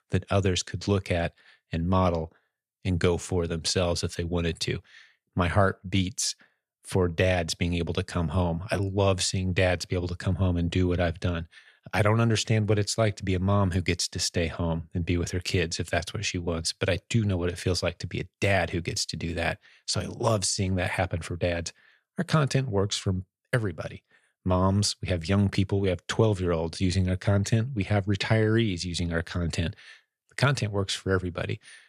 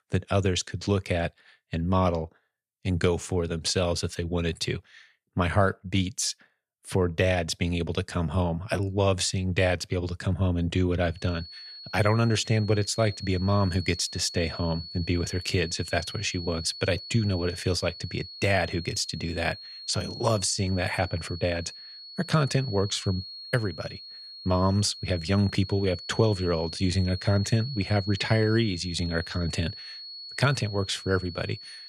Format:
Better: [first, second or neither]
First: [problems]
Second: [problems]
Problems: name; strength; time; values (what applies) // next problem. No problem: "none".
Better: first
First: none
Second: high-pitched whine; noticeable; from 11 s on; 4.5 kHz, 10 dB below the speech